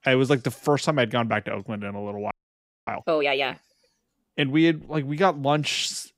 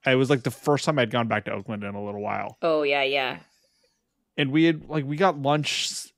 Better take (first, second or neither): second